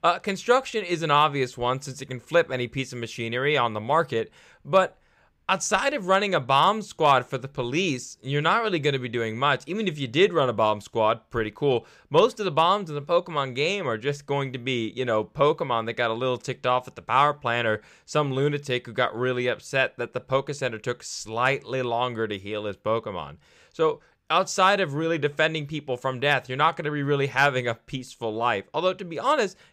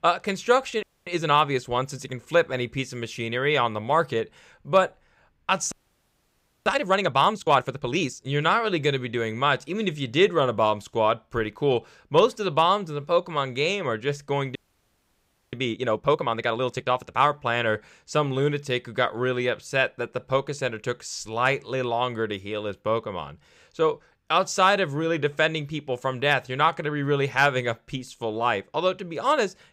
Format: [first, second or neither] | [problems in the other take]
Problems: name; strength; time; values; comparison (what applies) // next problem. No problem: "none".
first | audio freezing; at 1 s, at 5.5 s for 1 s and at 15 s for 1 s